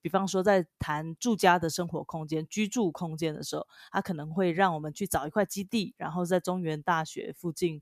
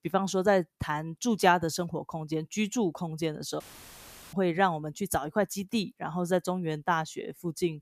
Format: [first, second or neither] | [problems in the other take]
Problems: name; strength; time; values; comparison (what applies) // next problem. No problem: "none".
first | audio cutting out; filled with static; at 3.5 s for 0.5 s